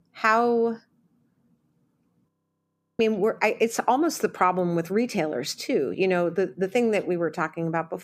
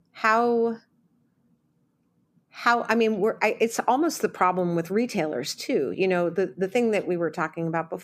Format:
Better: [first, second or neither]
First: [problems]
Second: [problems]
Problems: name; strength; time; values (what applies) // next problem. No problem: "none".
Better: second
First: audio freezing; at 2.5 s for 0.5 s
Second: none